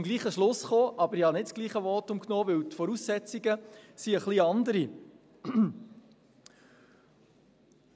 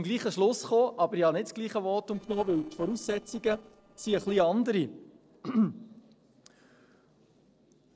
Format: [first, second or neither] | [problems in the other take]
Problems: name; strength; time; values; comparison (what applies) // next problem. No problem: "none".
first | noise reduction (neural separator model SepFormer DNS4)